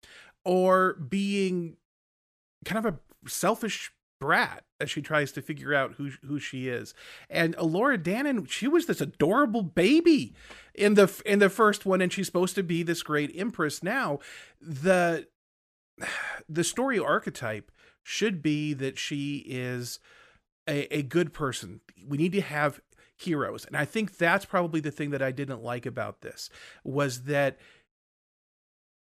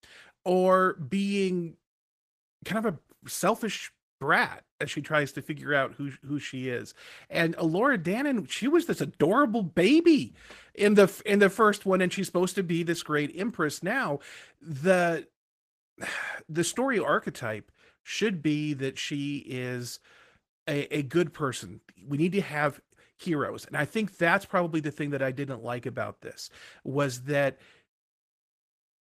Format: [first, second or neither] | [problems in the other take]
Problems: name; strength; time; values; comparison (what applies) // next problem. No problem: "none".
first | garbled, watery; slightly; nothing above 14.5 kHz